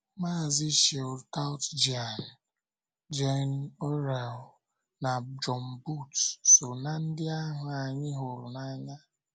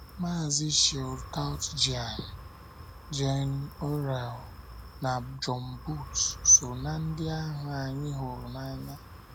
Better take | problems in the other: first | background sound (Wind); 13 dB below the speech

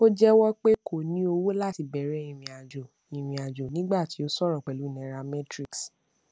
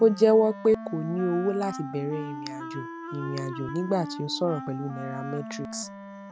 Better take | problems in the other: first | background sound (Wind instrument, woodwind instrument); 11 dB below the speech

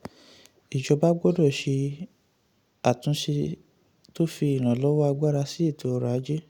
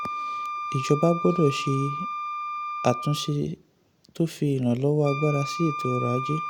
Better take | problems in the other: first | background sound (Wind instrument, woodwind instrument); 7 dB below the speech

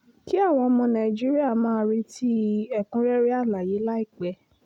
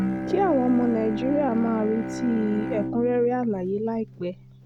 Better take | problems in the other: first | background sound (Bowed string instrument); 6 dB below the speech

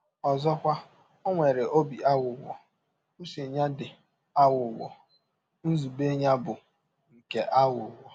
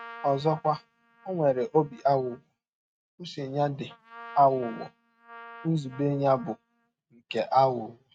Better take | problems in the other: first | noise reduction (neural mask model RNNoise)

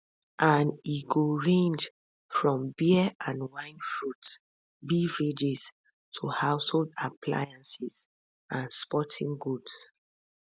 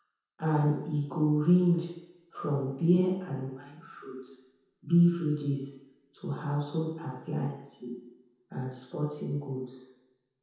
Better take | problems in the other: first | room echo; dies away in 0.9 s

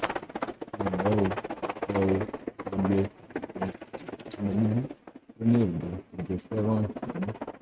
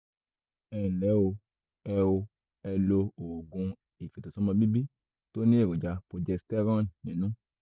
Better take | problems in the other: second | noise reduction (neural mask model RNNoise)

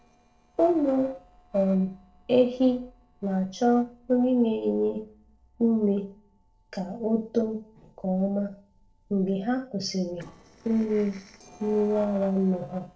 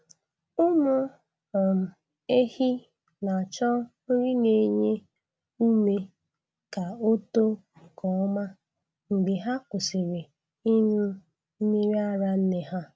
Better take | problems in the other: second | noise reduction (neural separator model SepFormer DNS4)

